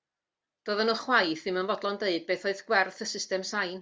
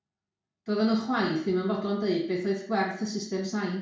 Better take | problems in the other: first | room echo; dies away in 0.6 s

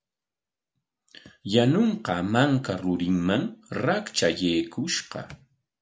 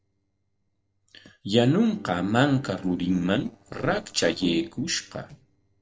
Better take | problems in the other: first | noise reduction (neural separator model SepFormer DNS4)

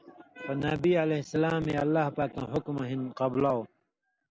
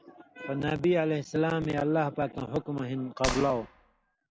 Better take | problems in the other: first | background sound (Clapping); 6 dB below the speech

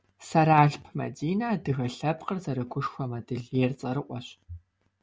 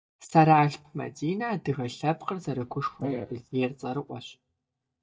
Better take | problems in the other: first | noise reduction (neural mask model DeepFilterNet 3)

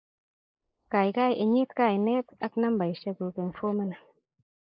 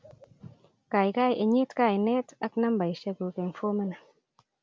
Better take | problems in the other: second | noise reduction (neural mask model Resemble Enhance denoiser)

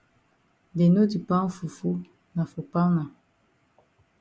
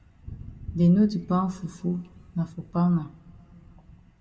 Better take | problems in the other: first | background sound (Thunder); 18 dB below the speech // room echo; dies away in 1.3 s

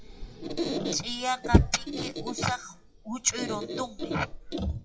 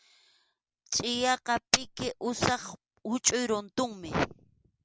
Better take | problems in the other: second | noise reduction (classical method WPE with log-MMSE)

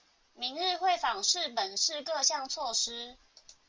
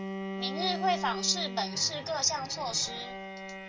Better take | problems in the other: first | background sound (Bowed string instrument); 6 dB below the speech

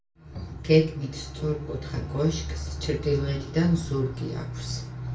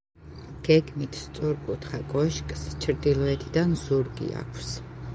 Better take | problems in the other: second | background sound (Bowed string instrument); 19 dB below the speech // room echo; dies away in 0.4 s

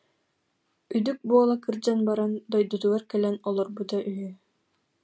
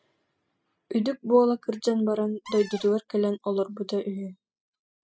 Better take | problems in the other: first | noise reduction (classical method spectral subtraction)

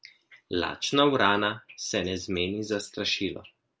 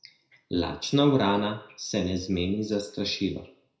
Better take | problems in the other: first | room echo; dies away in 0.4 s

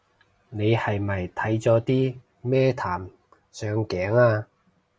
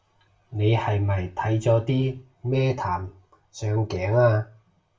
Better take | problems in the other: first | room echo; dies away in 0.3 s

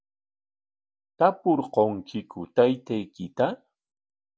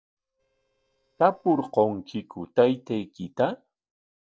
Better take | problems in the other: first | noise reduction (neural separator model SepFormer DNS4)

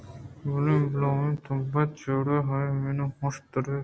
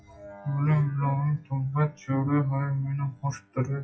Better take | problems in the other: first | noise reduction (classical method WPE with log-MMSE)

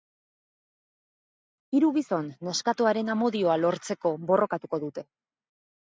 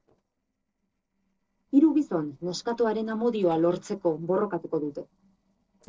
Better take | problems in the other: first | noise reduction (neural separator model SepFormer DNS4)

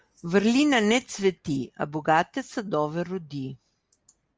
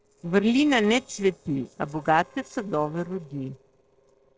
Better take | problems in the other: first | noise reduction (neural separator model SepFormer DNS4)

